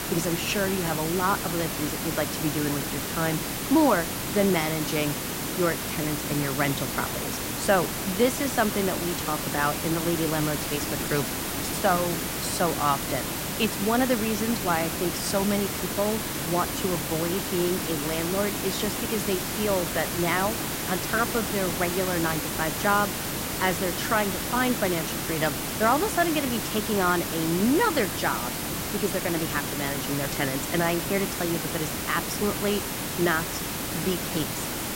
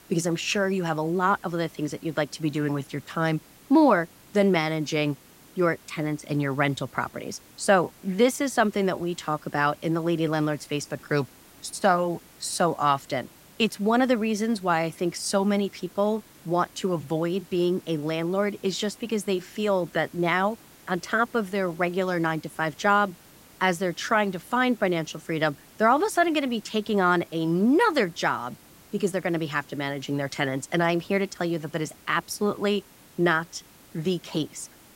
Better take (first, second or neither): second